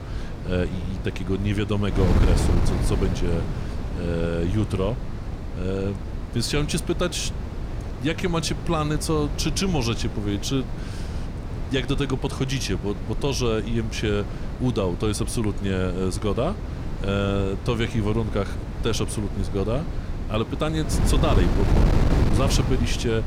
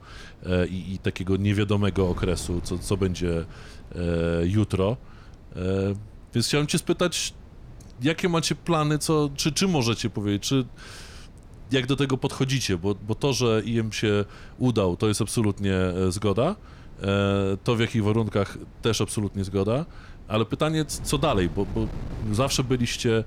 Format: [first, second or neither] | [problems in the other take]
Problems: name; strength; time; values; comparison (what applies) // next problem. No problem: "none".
second | wind noise on the microphone; heavy; 8 dB below the speech; occasional gusts in the second